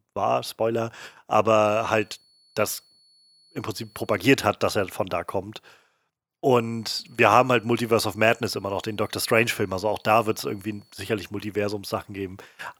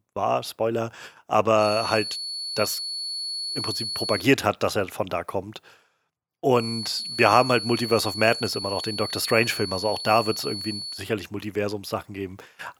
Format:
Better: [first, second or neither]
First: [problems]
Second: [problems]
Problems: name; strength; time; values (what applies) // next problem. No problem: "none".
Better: first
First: high-pitched whine; faint; from 1.5 to 4 s and from 6.5 to 11 s; 4.5 kHz, 35 dB below the speech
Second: high-pitched whine; loud; from 1.5 to 4 s and from 6.5 to 11 s; 4.5 kHz, 5 dB below the speech